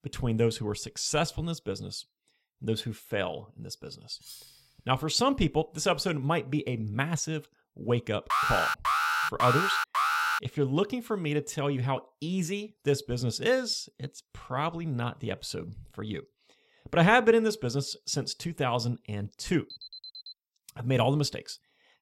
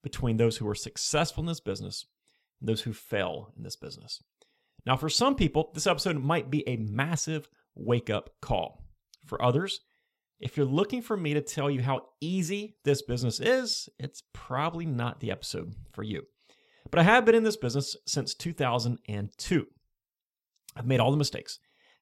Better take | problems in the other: second | clattering dishes; faint; at 4 s; peak 15 dB below the speech // alarm; loud; from 8.5 to 10 s; peak 4 dB above the speech // alarm; faint; at 20 s; peak 15 dB below the speech

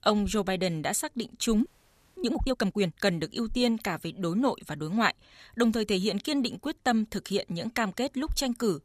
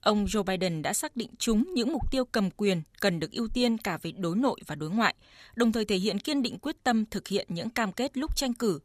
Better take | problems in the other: second | audio freezing; at 1.5 s for 0.5 s

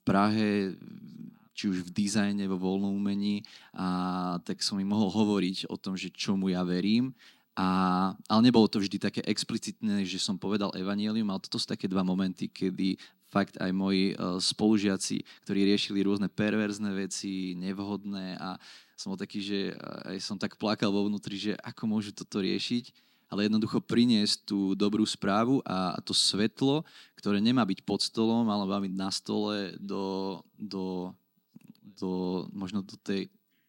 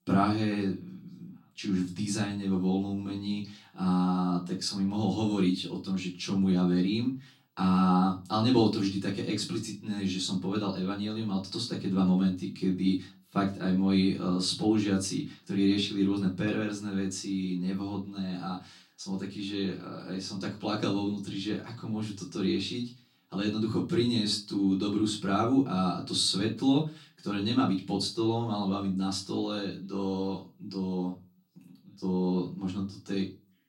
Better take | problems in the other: first | room echo; slight; dies away in 0.3 s // off-mic speech; far

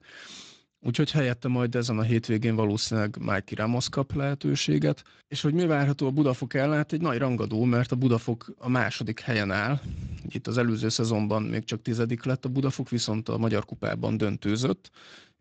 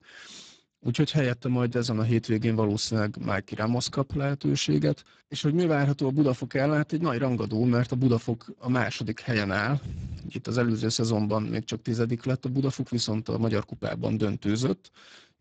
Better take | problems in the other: first | garbled, watery; badly; nothing above 7.5 kHz; slightly in the first

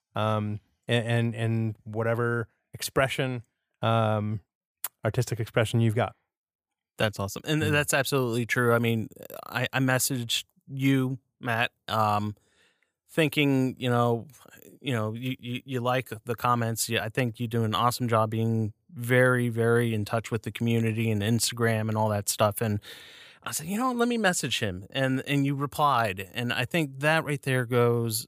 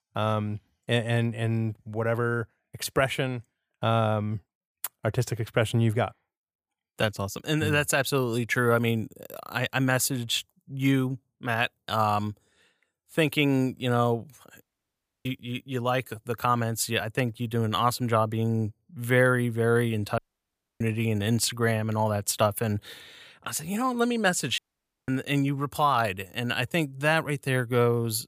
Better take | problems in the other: first | audio cutting out; at 15 s for 0.5 s, at 20 s for 0.5 s and at 25 s for 0.5 s

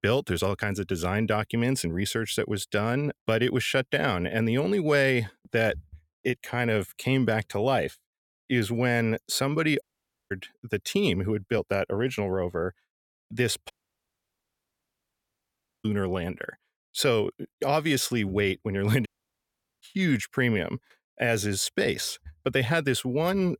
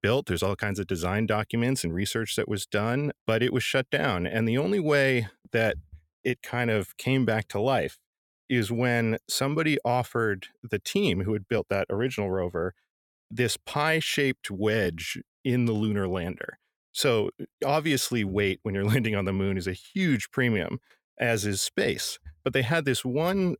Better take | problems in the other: second | audio cutting out; at 10 s, at 14 s for 2 s and at 19 s for 1 s

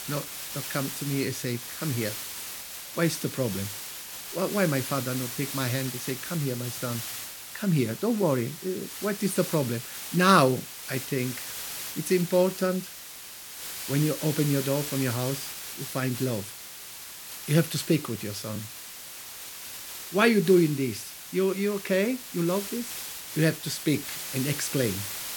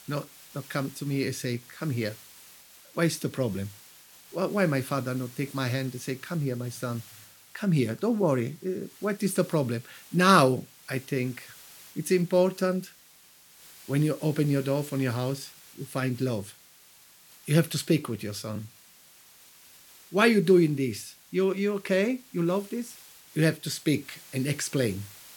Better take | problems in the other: second | hiss; loud; throughout; 8 dB below the speech; faint in the second

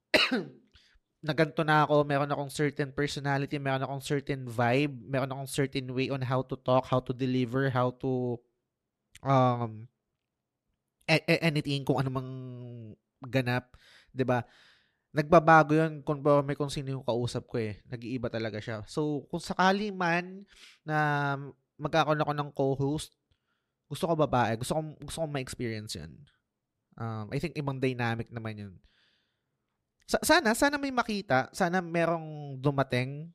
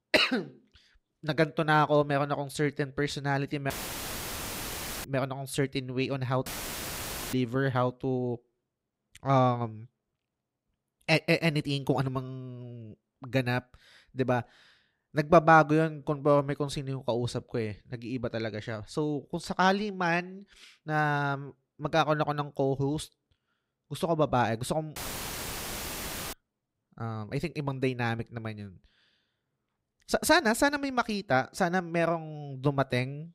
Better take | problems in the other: first | audio cutting out; filled with static; at 3.5 s for 1.5 s, at 6.5 s for 1 s and at 25 s for 1.5 s

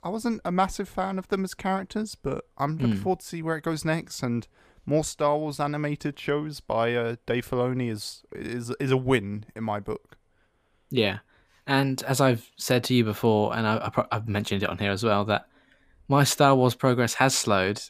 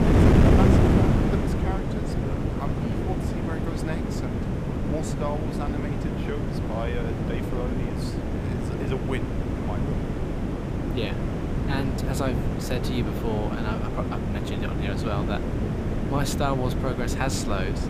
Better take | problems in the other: first | wind noise on the microphone; heavy; 2 dB above the speech

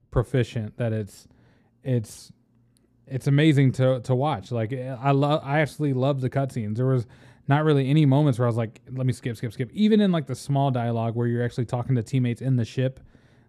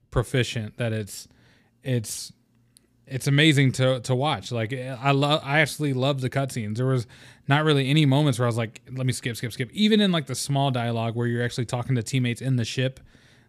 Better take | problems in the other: second | muffled; slightly; fading above 1.5 kHz

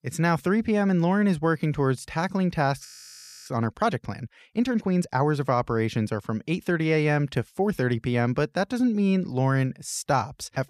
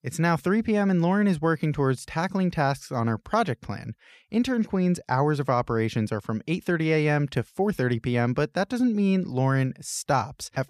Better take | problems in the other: second | audio freezing; at 3 s for 0.5 s

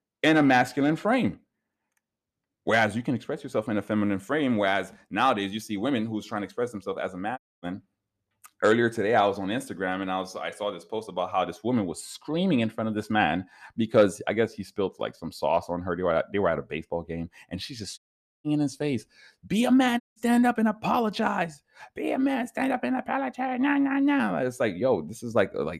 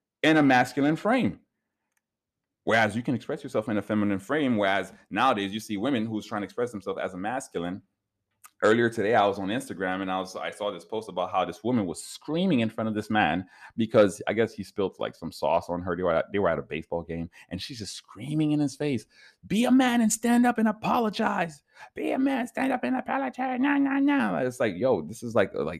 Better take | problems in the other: second | audio cutting out; at 7.5 s, at 18 s and at 20 s

